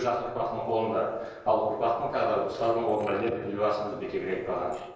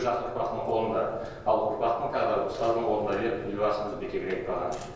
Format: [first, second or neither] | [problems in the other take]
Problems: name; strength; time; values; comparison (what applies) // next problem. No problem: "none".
second | noise reduction (neural mask model Resemble Enhance denoiser)